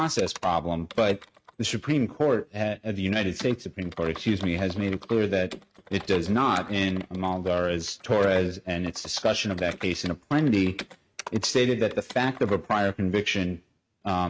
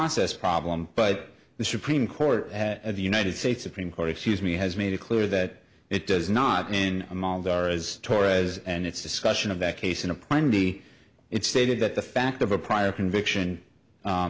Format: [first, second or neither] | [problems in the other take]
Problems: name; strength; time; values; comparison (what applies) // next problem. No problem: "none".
second | noise reduction (neural mask model RNNoise)